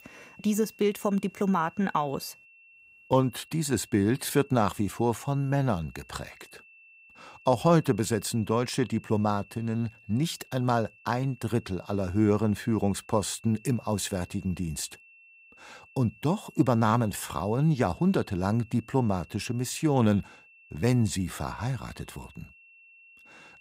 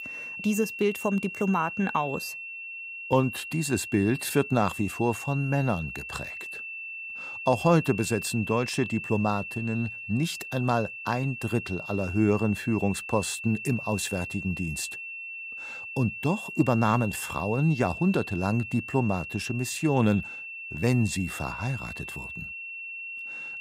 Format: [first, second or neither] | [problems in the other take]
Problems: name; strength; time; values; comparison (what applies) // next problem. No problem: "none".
first | high-pitched whine; loud; throughout; 2.5 kHz, 8 dB below the speech; faint in the first